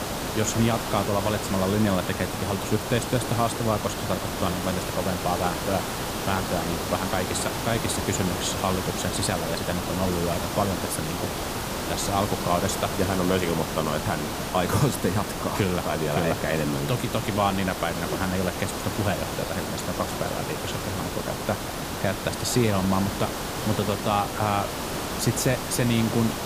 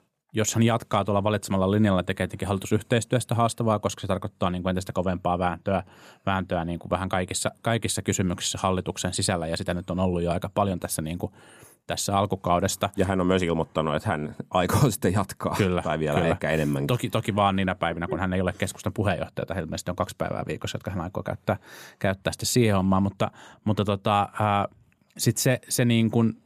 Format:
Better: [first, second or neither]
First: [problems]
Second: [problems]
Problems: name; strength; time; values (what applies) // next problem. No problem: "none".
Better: second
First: hiss; loud; throughout; 3 dB below the speech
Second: none